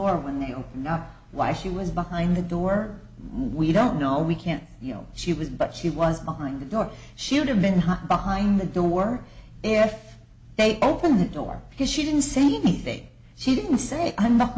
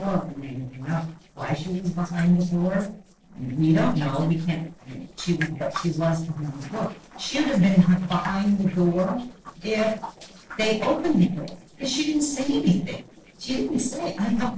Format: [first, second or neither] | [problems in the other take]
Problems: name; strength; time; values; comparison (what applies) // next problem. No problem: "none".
first | noise reduction (neural separator model SepFormer DNS4)